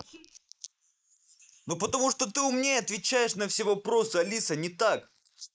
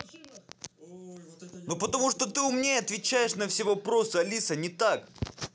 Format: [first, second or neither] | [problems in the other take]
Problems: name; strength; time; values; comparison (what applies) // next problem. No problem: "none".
second | noise reduction (neural mask model Resemble Enhance denoiser)